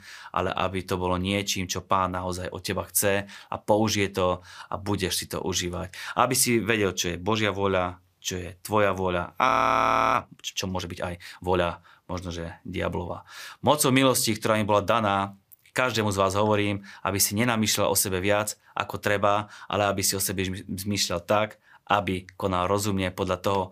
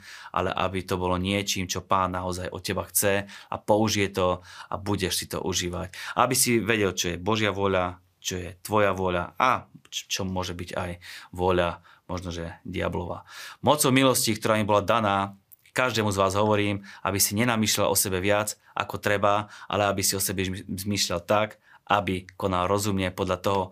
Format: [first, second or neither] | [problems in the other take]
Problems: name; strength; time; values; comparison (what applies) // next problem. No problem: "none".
second | audio freezing; at 9.5 s for 0.5 s